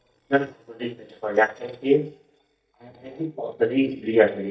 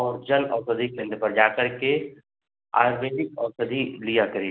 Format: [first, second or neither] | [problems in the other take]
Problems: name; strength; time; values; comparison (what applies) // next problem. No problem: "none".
second | noise reduction (neural mask model DeepFilterNet 3)